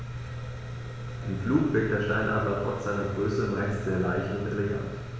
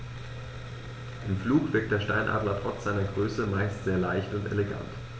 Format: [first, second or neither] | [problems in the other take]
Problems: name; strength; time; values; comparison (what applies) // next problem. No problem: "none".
second | room echo; dies away in 1.2 s